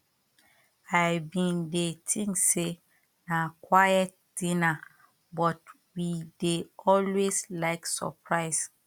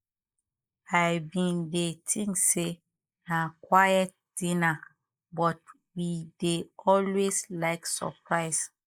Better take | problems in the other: first | noise reduction (neural mask model Resemble Enhance denoiser)

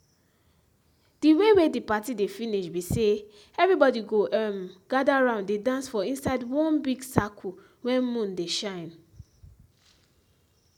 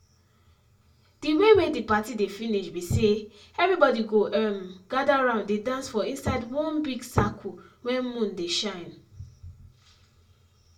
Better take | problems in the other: first | room echo; dies away in 0.2 s

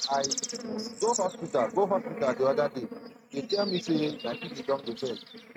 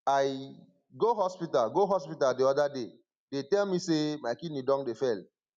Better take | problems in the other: second | noise reduction (neural mask model RNNoise)

